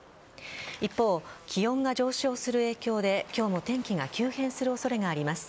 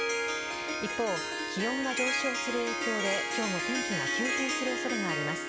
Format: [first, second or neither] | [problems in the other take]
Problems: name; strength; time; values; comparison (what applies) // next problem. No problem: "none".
first | background sound (Harp); 3 dB above the speech